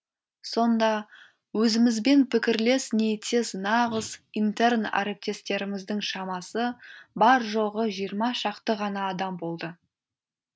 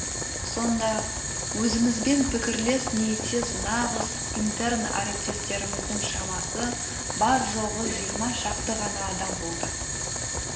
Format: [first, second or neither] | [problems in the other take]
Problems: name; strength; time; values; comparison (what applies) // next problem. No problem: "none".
first | background sound (Boiling); 1 dB below the speech // room echo; dies away in 0.9 s